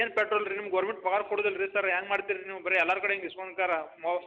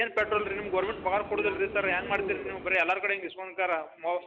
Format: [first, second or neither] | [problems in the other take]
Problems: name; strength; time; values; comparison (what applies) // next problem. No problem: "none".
first | background sound (Subway, metro, underground); 9 dB below the speech